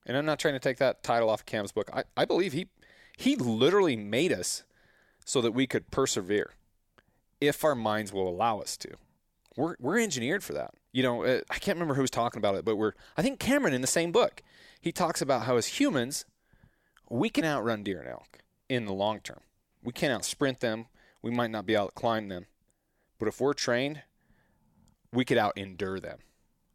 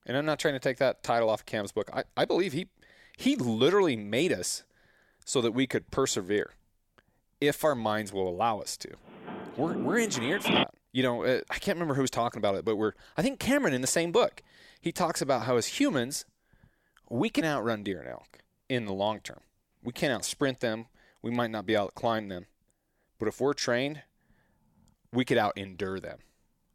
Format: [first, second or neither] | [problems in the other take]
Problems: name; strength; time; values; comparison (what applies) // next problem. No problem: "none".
first | phone ringing; loud; from 9.5 to 11 s; peak 3 dB above the speech